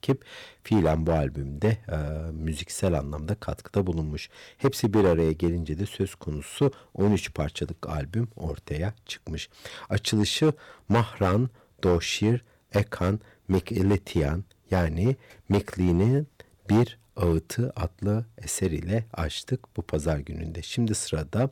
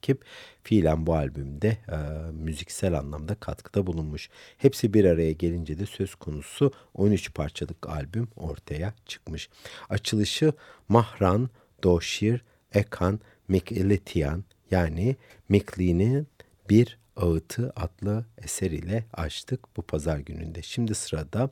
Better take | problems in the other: second | distortion; slight; 3% of the sound clipped

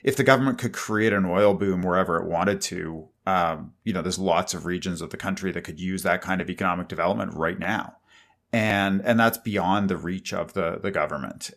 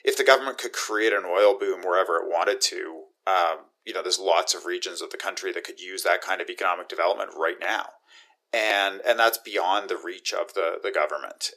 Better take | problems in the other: first | thin; very; fading below 350 Hz

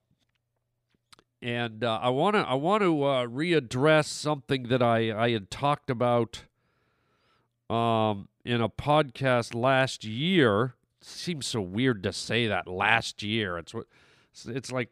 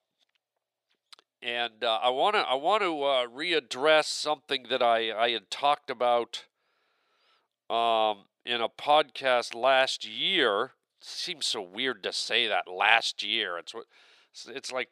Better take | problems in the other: first | thin; very; fading below 500 Hz

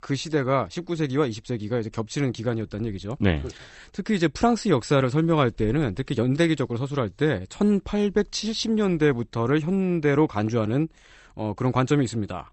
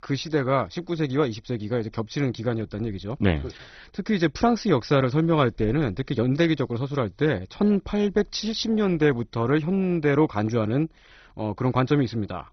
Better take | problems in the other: first | garbled, watery; badly; nothing above 6 kHz; slightly in the first

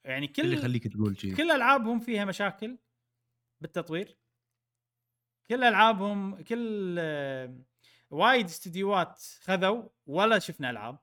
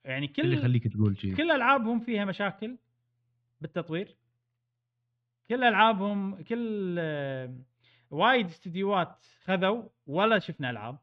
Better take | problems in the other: first | muffled; slightly; fading above 3.5 kHz

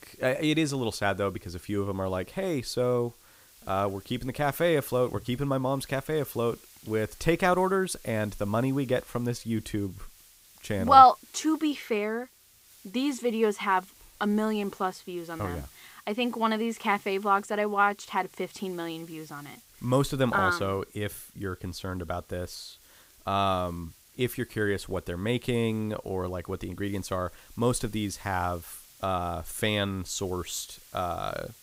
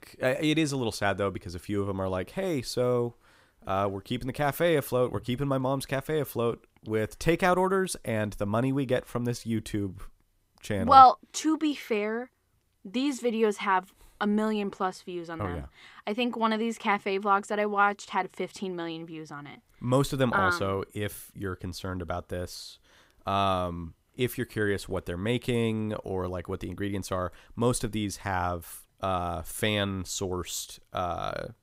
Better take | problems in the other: second | hiss; faint; throughout; 25 dB below the speech

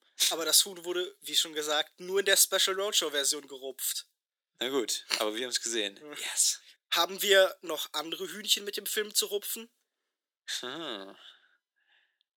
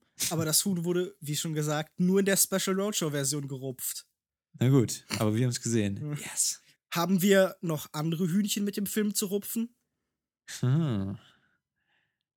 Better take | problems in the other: second | thin; very; fading below 400 Hz

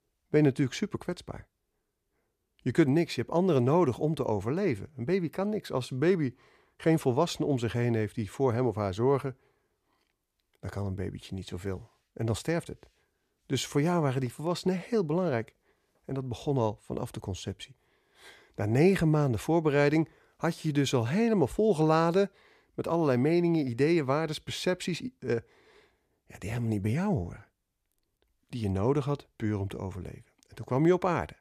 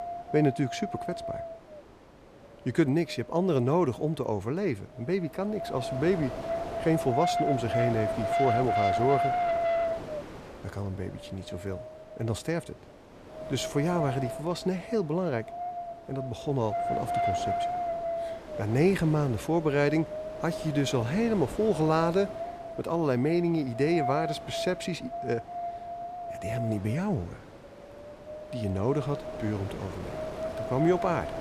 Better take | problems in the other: first | wind noise on the microphone; heavy; 1 dB below the speech

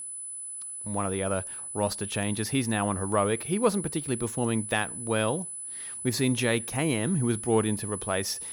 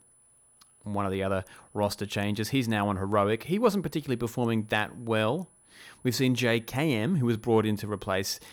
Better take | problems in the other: second | high-pitched whine; loud; throughout; 10 kHz, 6 dB below the speech; faint in the second

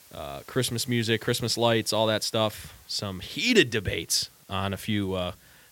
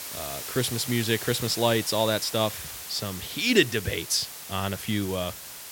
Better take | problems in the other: first | hiss; loud; throughout; 9 dB below the speech; faint in the first

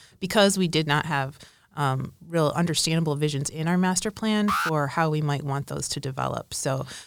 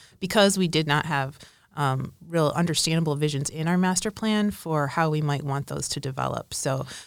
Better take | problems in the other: second | alarm; noticeable; at 4.5 s; peak 1 dB below the speech

